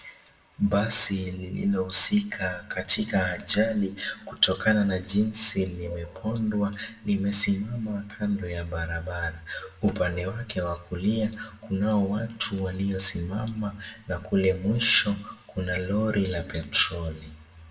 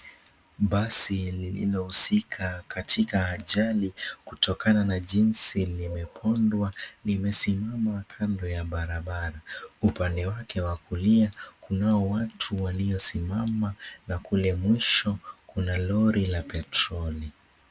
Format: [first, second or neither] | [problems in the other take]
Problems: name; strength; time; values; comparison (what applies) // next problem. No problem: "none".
second | room echo; dies away in 0.5 s